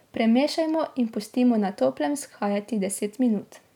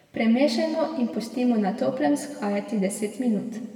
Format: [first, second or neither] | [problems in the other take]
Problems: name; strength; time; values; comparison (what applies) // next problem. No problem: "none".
first | room echo; dies away in 1.6 s